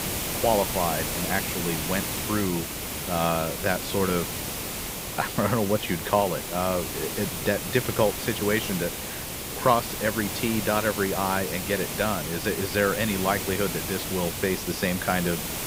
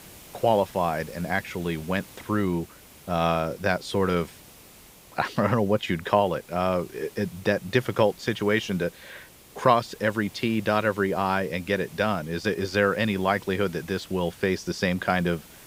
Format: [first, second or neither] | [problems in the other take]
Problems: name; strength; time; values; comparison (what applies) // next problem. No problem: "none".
second | hiss; loud; throughout; 3 dB below the speech; faint in the second